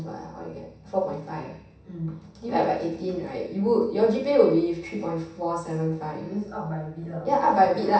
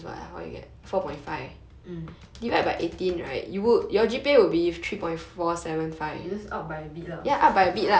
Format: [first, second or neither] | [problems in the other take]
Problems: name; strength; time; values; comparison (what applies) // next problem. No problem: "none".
second | room echo; dies away in 0.7 s